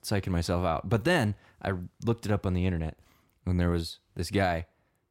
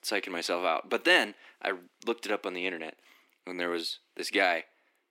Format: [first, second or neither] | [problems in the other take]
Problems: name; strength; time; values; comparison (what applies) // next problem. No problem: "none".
first | thin; very; fading below 300 Hz